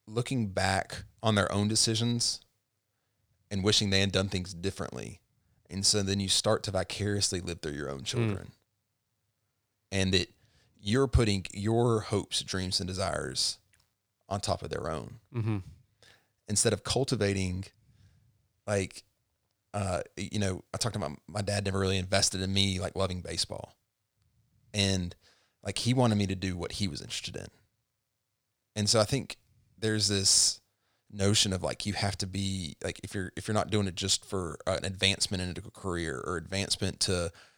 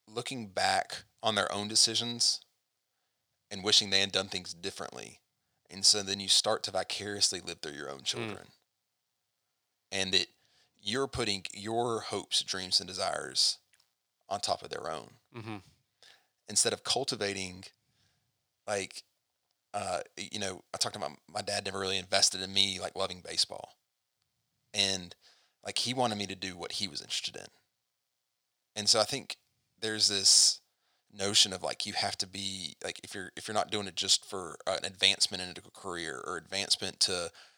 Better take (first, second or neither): first